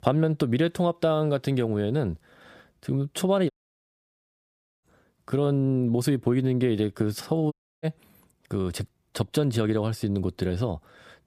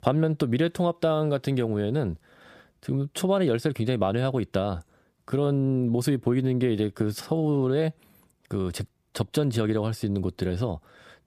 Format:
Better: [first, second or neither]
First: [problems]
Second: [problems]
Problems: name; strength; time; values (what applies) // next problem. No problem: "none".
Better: second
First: audio cutting out; at 3.5 s for 1.5 s and at 7.5 s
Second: none